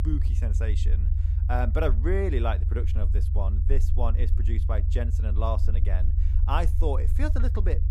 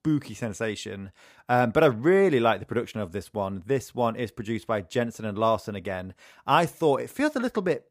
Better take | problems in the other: second | low rumble; noticeable; throughout; 10 dB below the speech

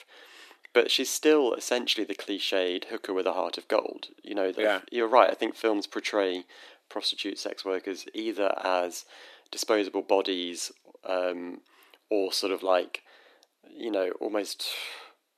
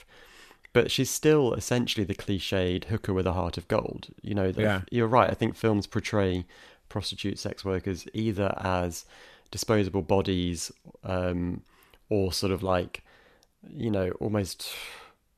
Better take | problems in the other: second | thin; somewhat; fading below 300 Hz

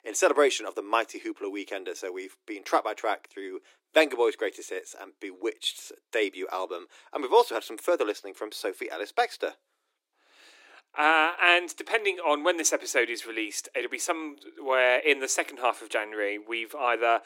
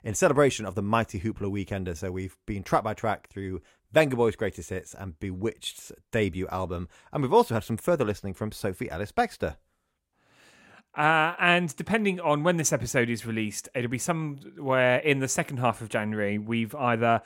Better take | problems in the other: second | thin; very; fading below 300 Hz

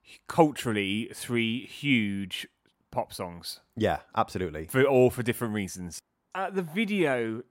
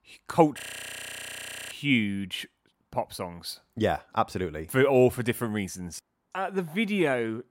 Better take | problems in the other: first | audio freezing; at 0.5 s for 1 s

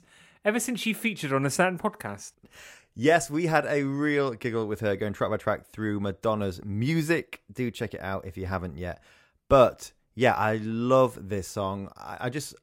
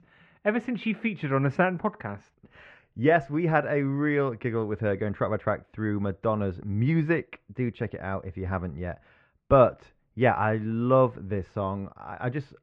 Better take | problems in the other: first | muffled; very; fading above 2.5 kHz

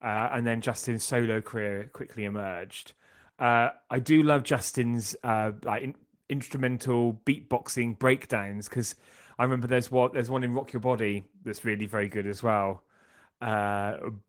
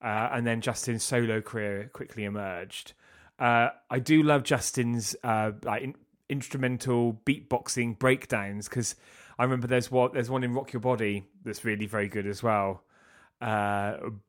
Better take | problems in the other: second | garbled, watery; slightly; nothing above 15.5 kHz

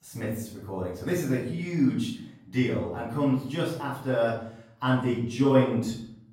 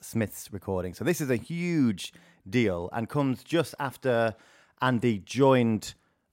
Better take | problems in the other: second | off-mic speech; far // room echo; noticeable; dies away in 0.6 s

